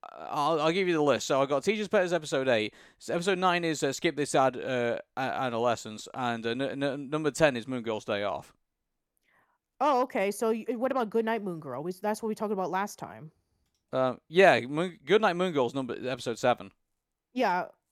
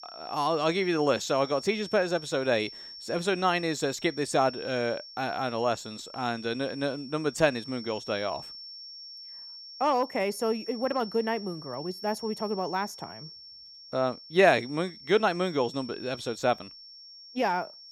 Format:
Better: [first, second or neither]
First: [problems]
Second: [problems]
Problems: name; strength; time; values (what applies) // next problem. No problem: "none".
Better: first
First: none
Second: high-pitched whine; noticeable; throughout; 5.5 kHz, 15 dB below the speech